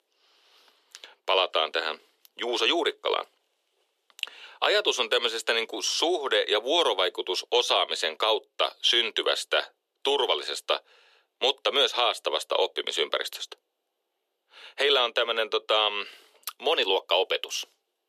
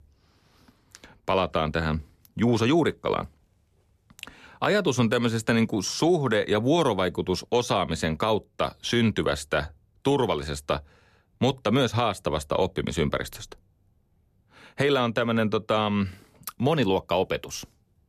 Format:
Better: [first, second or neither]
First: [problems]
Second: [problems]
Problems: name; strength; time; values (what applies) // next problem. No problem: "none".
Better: second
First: thin; very; fading below 400 Hz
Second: none